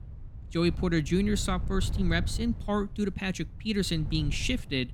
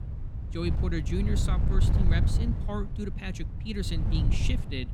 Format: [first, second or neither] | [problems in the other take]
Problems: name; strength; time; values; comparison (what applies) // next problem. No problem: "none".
first | wind noise on the microphone; heavy; 5 dB below the speech; occasional gusts in the first